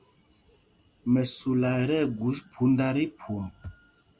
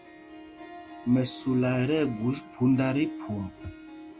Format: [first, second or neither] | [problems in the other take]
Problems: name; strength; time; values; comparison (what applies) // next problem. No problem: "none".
first | background sound (Harp); 15 dB below the speech